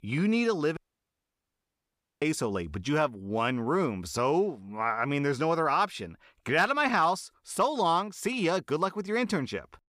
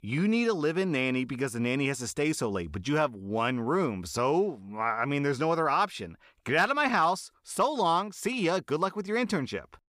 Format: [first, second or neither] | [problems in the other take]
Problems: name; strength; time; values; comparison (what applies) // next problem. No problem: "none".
second | audio cutting out; at 1 s for 1.5 s